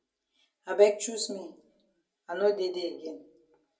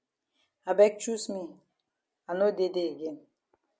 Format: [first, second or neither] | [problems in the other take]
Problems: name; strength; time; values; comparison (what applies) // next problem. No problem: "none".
second | room echo; dies away in 0.2 s